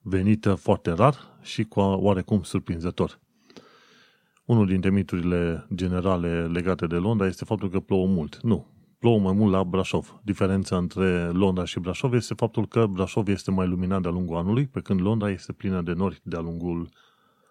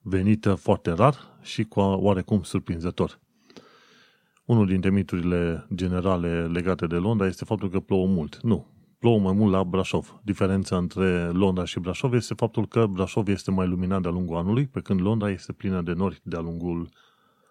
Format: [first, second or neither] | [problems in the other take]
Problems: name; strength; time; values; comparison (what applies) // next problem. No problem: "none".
neither | none